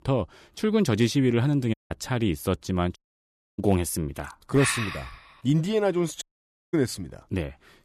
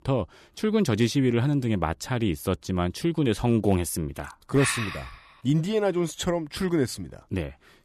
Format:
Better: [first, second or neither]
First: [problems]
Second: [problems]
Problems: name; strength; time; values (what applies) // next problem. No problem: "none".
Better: second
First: audio cutting out; at 1.5 s, at 3 s for 0.5 s and at 6 s for 0.5 s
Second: none